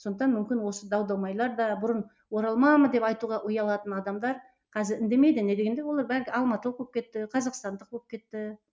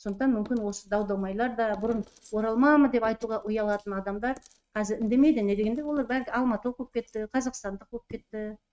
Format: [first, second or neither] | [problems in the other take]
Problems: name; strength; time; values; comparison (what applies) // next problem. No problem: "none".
first | noise reduction (neural mask model RNNoise)